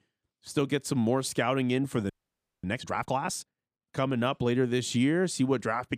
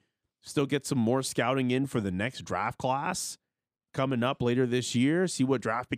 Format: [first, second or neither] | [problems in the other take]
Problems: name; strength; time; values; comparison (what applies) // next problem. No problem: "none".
second | audio freezing; at 2 s for 0.5 s